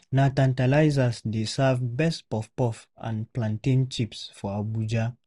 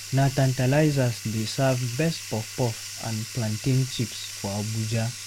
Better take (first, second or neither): first